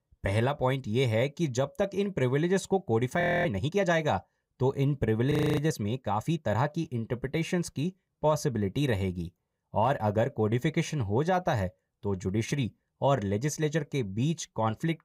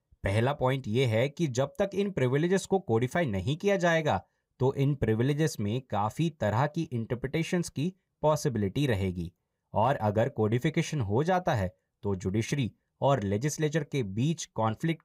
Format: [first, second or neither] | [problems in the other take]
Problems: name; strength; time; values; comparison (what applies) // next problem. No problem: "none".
second | audio freezing; at 3 s and at 5.5 s